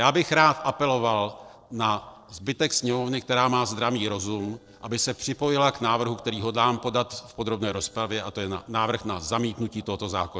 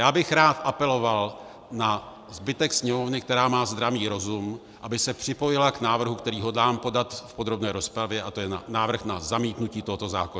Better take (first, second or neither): second